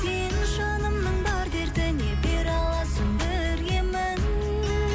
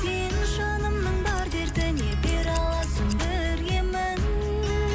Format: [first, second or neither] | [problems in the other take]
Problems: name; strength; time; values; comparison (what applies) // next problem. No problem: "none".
first | background sound (Scissors); 19 dB below the speech